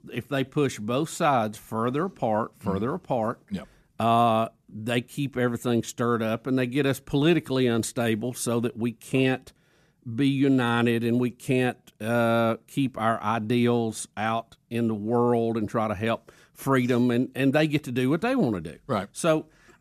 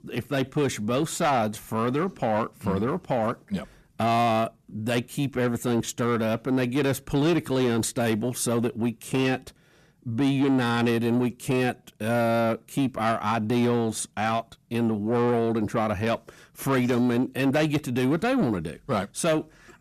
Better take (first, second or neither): first